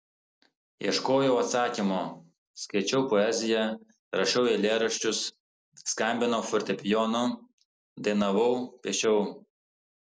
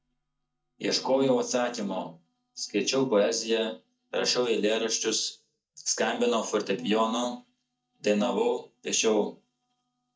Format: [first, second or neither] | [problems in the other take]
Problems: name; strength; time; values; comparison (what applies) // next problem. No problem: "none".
first | noise reduction (neural mask model DeepFilterNet 3)